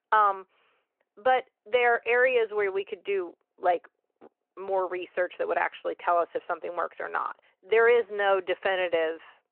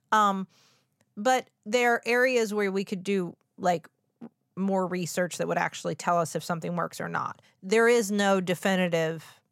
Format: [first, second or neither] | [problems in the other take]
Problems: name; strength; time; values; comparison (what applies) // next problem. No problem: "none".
second | phone-call audio